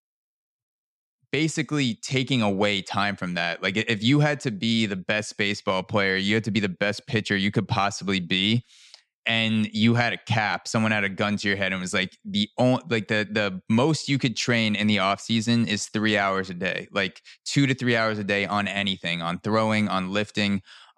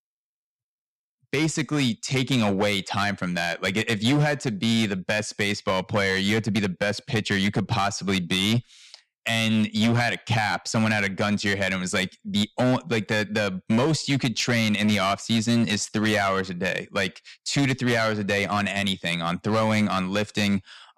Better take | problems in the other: first | distortion; slight; 8% of the sound clipped

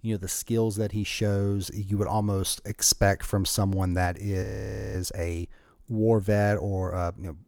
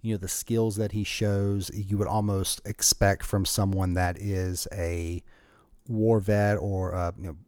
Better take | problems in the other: second | audio freezing; at 4.5 s for 0.5 s

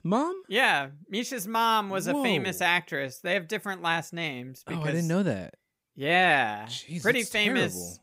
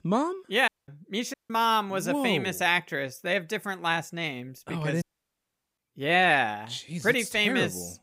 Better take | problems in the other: first | audio cutting out; at 0.5 s, at 1.5 s and at 5 s for 1 s

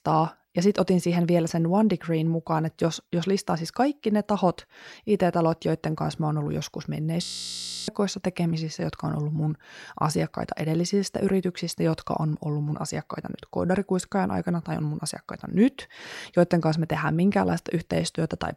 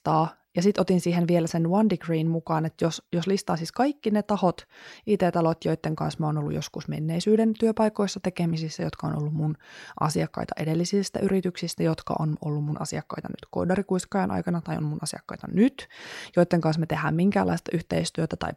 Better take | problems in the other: second | audio freezing; at 7 s for 0.5 s

